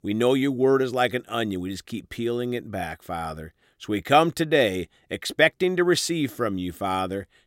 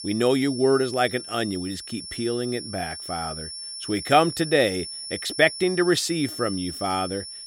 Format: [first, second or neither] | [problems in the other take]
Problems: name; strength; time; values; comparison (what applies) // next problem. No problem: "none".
first | high-pitched whine; loud; throughout; 5.5 kHz, 9 dB below the speech